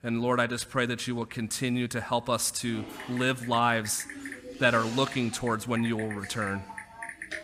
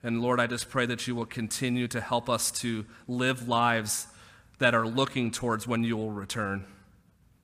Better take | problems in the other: second | keyboard typing; noticeable; from 2.5 s on; peak 8 dB below the speech

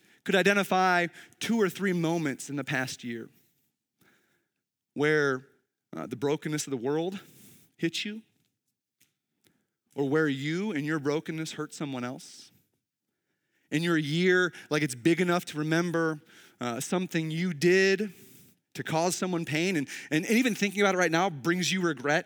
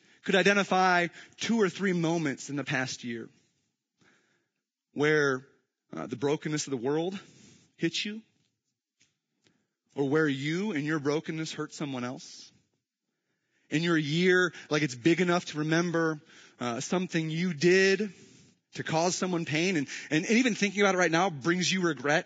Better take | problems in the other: first | garbled, watery; badly; nothing above 7.5 kHz

